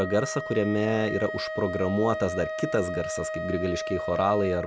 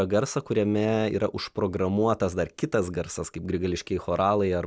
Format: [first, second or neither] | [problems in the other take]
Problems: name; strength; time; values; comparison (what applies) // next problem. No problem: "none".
second | background sound (Wind instrument, woodwind instrument); 6 dB below the speech